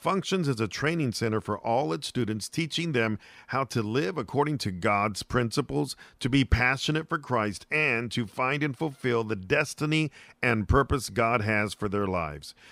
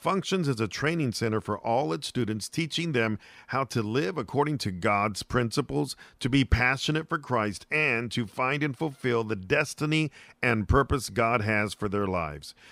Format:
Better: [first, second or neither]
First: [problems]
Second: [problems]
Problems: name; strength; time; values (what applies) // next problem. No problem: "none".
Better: neither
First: none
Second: none